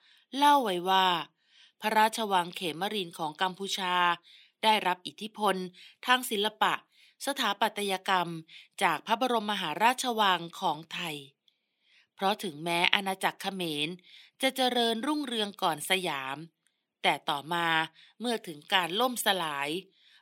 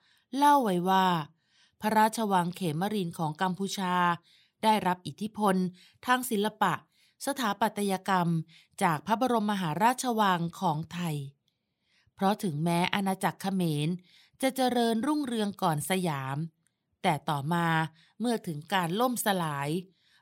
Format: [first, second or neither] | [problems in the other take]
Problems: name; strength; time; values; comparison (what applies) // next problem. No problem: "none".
second | thin; very slightly; fading below 250 Hz